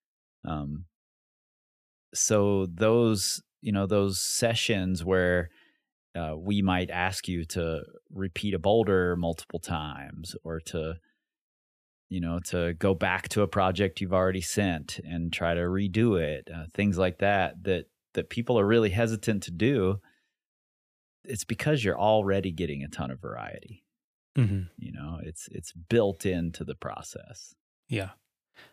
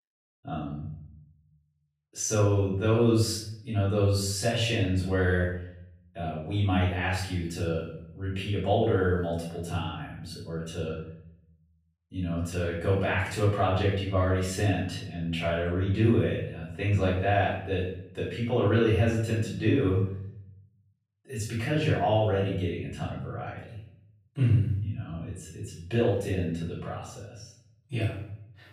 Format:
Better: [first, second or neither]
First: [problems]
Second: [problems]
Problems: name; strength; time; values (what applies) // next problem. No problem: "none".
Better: first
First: none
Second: room echo; noticeable; dies away in 0.7 s // off-mic speech; far